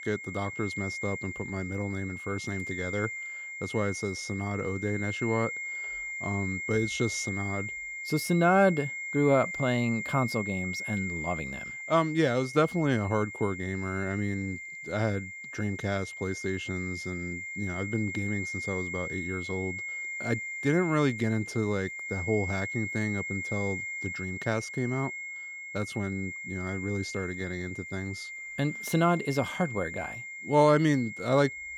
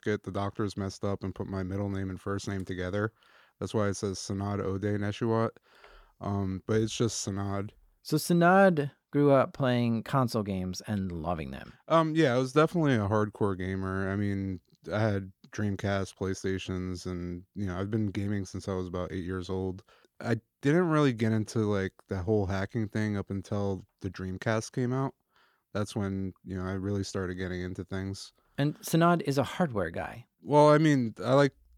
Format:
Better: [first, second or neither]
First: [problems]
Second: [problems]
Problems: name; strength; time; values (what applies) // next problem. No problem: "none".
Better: second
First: high-pitched whine; loud; throughout; 2 kHz, 6 dB below the speech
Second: none